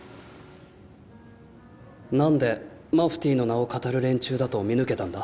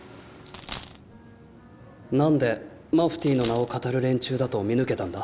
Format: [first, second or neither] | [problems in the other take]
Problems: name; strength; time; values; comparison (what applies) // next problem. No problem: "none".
first | background sound (Coin (dropping)); 16 dB below the speech